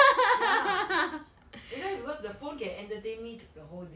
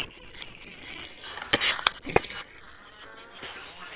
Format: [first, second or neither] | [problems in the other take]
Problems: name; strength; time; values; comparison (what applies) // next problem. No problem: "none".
first | noise reduction (neural separator model SepFormer WHAM!)